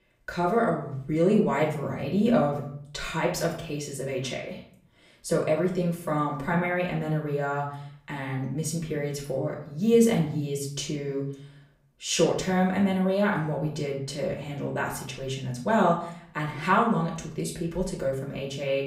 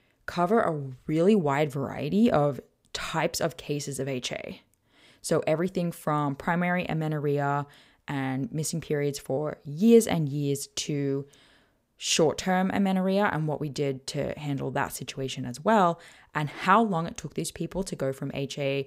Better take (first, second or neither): second